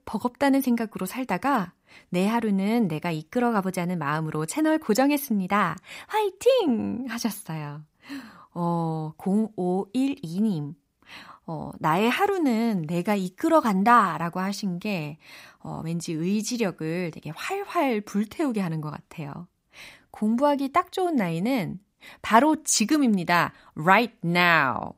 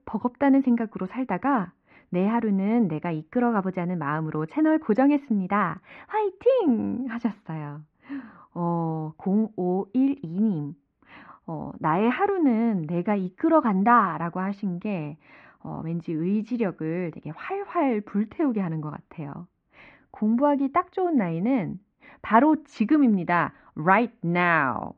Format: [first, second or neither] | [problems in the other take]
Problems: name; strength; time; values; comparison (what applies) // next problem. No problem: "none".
first | muffled; very; fading above 2 kHz